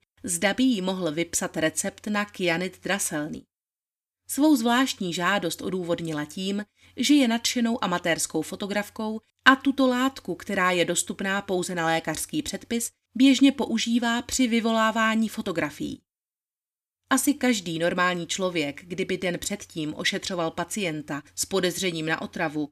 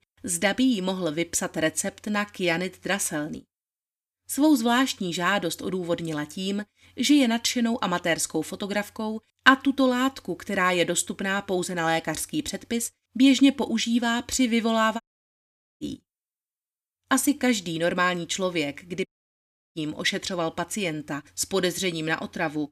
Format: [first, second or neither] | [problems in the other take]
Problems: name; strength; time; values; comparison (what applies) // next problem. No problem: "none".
first | audio cutting out; at 15 s for 1 s and at 19 s for 0.5 s